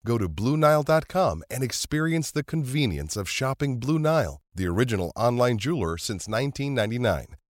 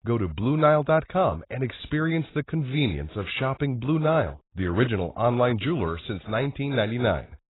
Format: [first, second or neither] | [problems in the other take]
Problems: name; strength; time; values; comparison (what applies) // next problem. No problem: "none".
first | garbled, watery; badly; nothing above 4 kHz